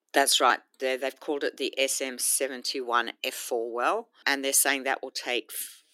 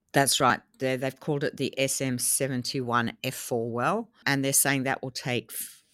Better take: second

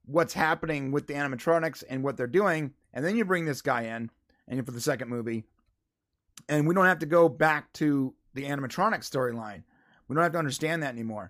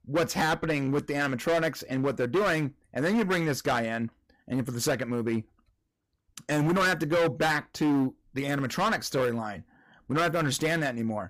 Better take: first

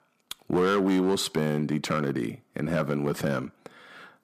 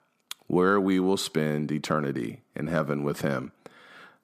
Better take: second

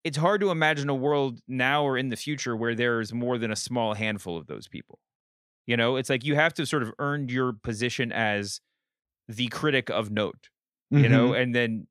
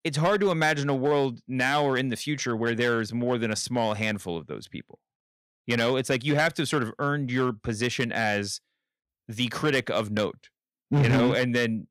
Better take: first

